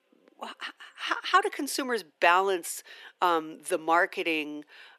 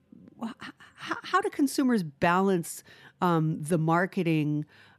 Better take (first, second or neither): second